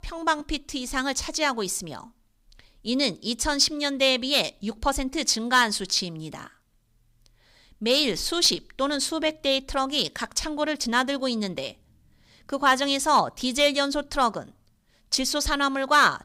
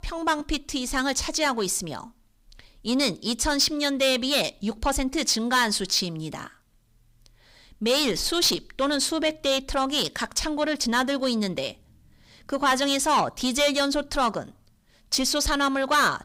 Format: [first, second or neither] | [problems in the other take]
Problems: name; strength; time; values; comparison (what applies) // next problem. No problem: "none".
first | distortion; slight; 10 dB below the speech